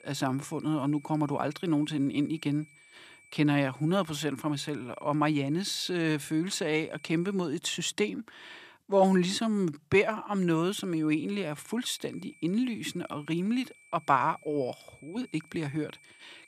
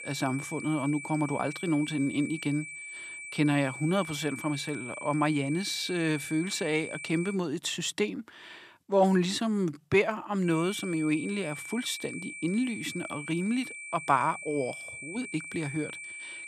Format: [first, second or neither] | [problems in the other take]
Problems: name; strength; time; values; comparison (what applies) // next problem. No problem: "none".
first | high-pitched whine; loud; until 7.5 s and from 10 s on; 2.5 kHz, 9 dB below the speech; faint in the first